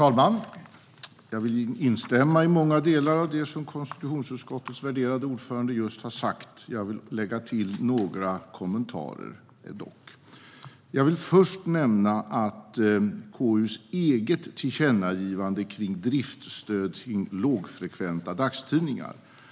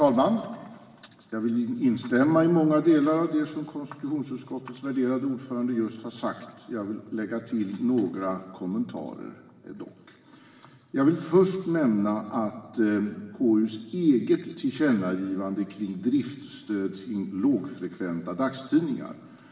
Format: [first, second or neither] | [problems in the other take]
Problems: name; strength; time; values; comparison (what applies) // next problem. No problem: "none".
first | room echo; dies away in 1.6 s